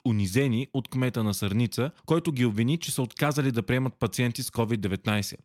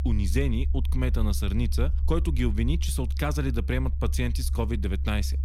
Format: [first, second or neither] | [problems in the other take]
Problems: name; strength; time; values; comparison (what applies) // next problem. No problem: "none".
first | low rumble; noticeable; throughout; 15 dB below the speech